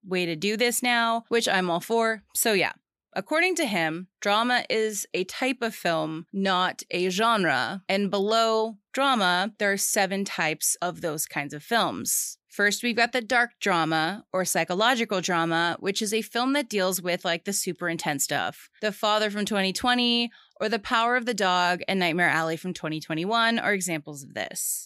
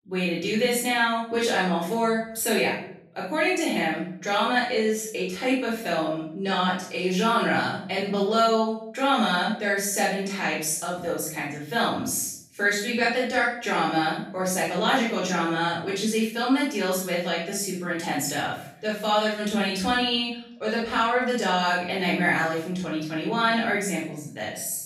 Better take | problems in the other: first | off-mic speech; far // room echo; noticeable; dies away in 0.6 s

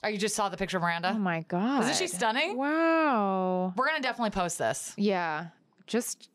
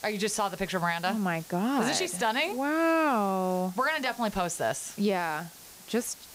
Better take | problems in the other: first | hiss; noticeable; throughout; 20 dB below the speech

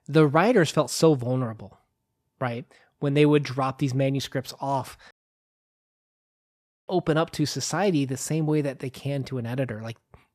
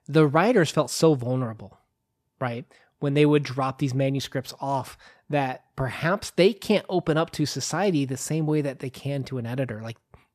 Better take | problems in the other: second | audio cutting out; at 5 s for 2 s

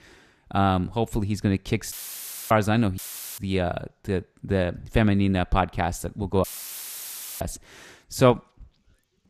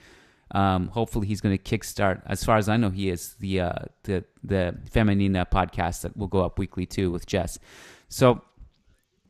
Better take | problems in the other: second | audio cutting out; filled with static; at 2 s for 0.5 s, at 3 s and at 6.5 s for 1 s

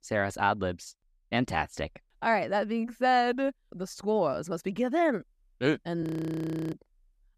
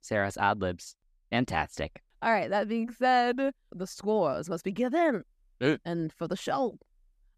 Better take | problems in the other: second | audio freezing; at 6 s for 0.5 s

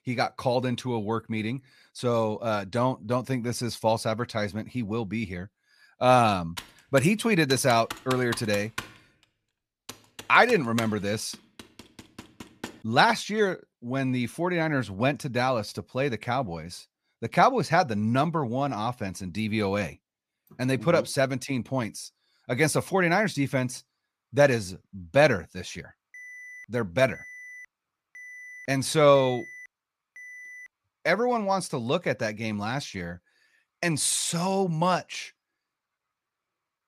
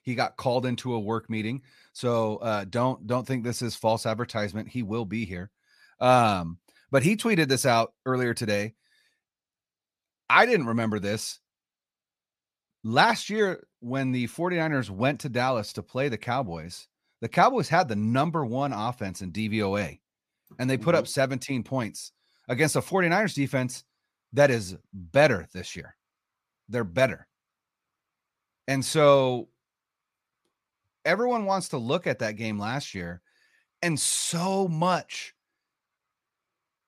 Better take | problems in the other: second | keyboard typing; faint; from 6.5 to 13 s; peak 10 dB below the speech // alarm; faint; from 26 to 31 s; peak 15 dB below the speech

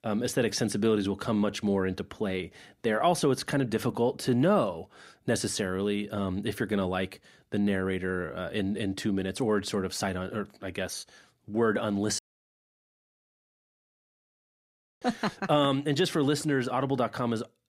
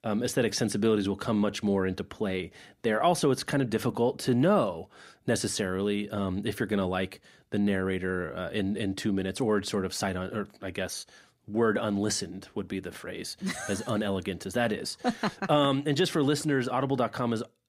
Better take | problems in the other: second | audio cutting out; at 12 s for 3 s

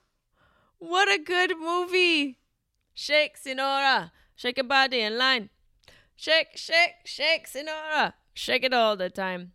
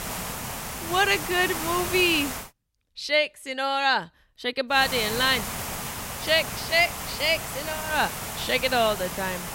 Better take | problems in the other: first | hiss; loud; until 2.5 s and from 5 s on; 7 dB below the speech

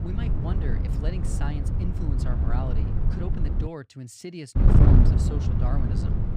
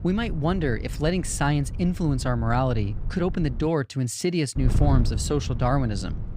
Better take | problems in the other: second | wind noise on the microphone; heavy; until 3.5 s and from 4.5 s on; 4 dB above the speech; occasional gusts in the second

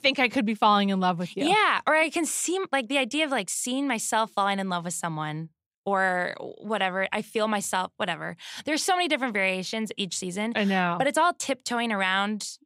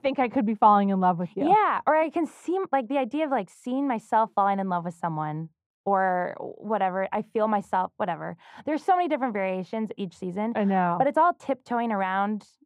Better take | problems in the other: first | muffled; very; fading above 2.5 kHz

